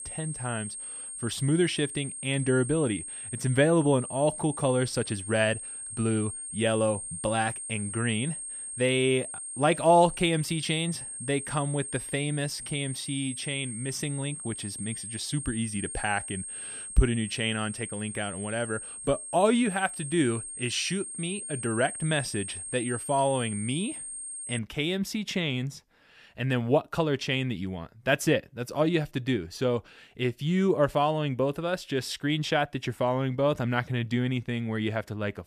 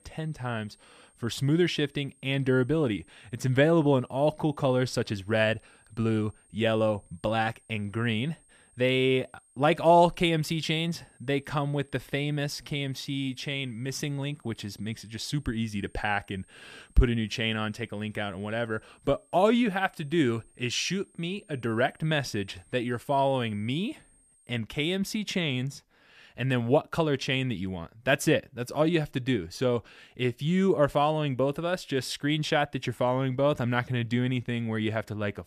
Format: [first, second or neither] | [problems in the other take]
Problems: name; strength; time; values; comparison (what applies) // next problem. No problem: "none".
second | high-pitched whine; loud; until 25 s; 8.5 kHz, 8 dB below the speech; faint in the second